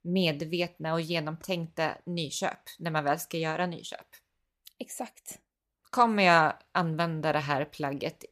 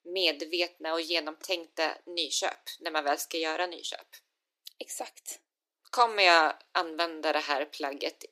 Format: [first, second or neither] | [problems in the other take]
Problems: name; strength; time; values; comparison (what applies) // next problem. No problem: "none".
first | thin; very; fading below 300 Hz